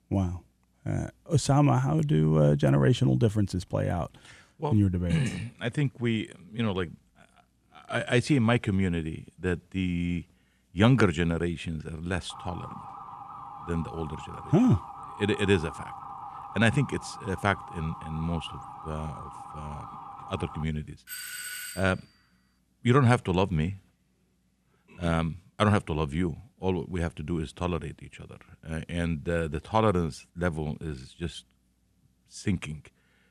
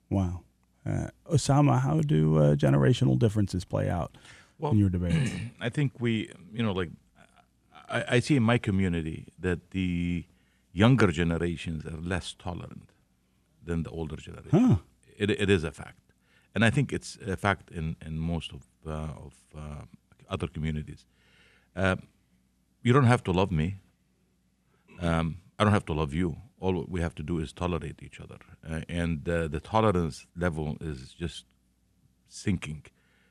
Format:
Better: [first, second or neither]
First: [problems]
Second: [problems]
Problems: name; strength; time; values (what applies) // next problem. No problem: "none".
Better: second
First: siren; faint; from 12 to 21 s; peak 15 dB below the speech // doorbell; noticeable; at 21 s; peak 7 dB below the speech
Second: none